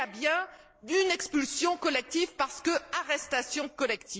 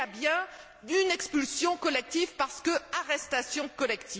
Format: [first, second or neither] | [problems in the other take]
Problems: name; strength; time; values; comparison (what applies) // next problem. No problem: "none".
second | noise reduction (neural mask model Resemble Enhance denoiser)